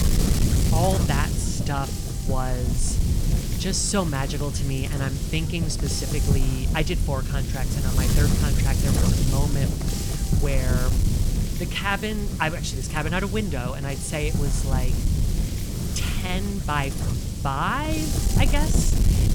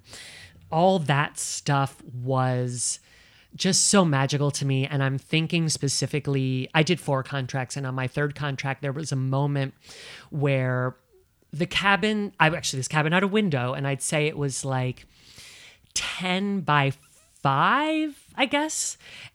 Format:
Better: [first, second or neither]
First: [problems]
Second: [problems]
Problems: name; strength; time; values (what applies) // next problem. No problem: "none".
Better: second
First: wind noise on the microphone; heavy; 4 dB below the speech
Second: none